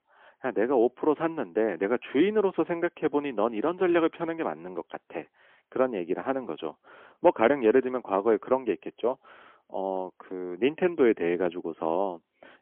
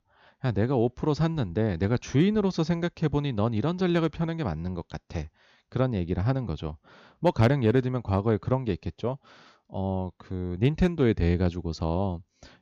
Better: second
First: phone-call audio; poor line; nothing above 3.5 kHz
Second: none

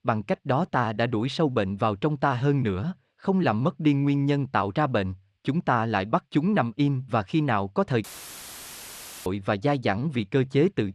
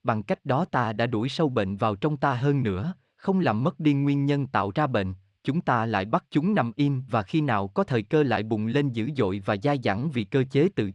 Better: second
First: audio cutting out; filled with static; at 8 s for 1 s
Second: none

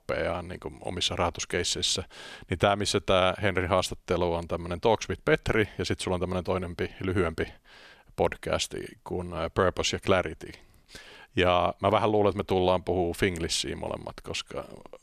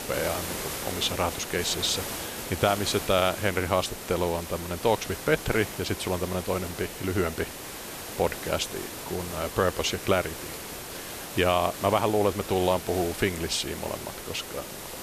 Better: first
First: none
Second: hiss; loud; throughout; 8 dB below the speech

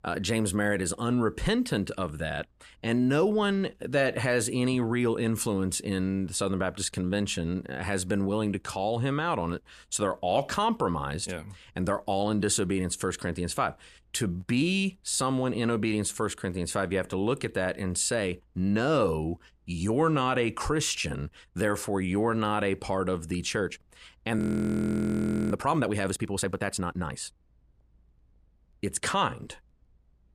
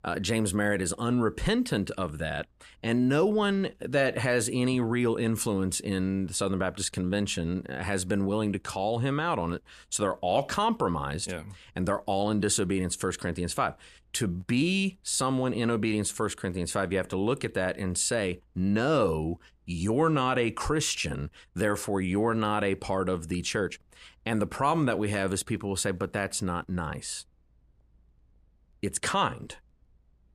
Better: second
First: audio freezing; at 24 s for 1 s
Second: none

